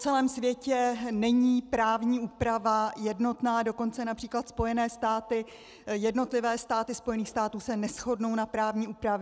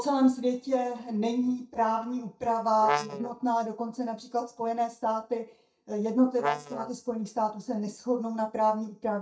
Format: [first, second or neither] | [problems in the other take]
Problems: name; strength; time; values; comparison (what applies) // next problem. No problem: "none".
first | noise reduction (neural mask model DeepFilterNet 3)